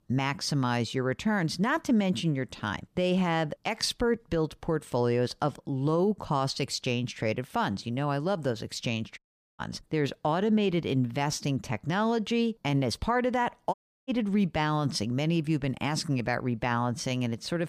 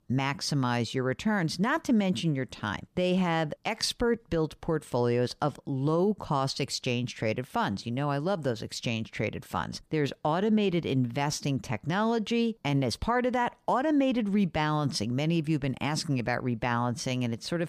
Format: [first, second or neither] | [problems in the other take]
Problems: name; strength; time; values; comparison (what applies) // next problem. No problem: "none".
second | audio cutting out; at 9 s and at 14 s